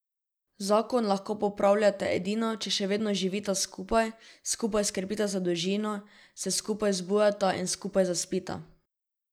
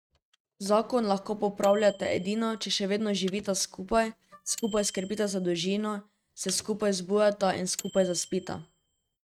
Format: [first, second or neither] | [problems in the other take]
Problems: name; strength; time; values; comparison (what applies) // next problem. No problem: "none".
first | noise reduction (neural mask model RNNoise)